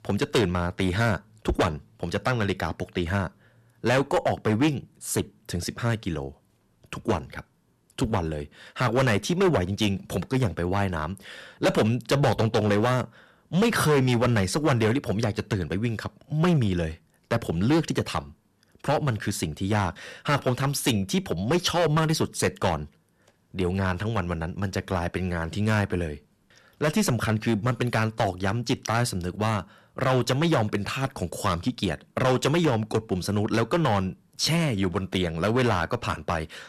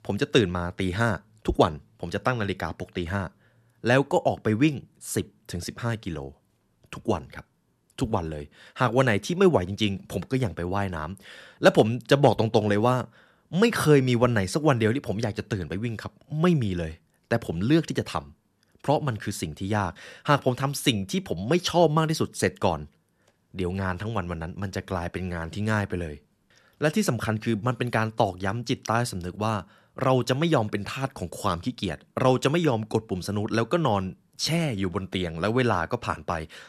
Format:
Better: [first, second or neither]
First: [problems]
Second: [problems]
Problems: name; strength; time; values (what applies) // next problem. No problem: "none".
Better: second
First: distortion; heavy; 6% of the sound clipped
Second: none